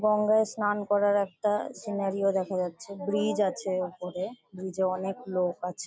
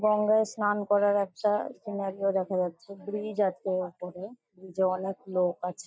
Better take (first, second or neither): first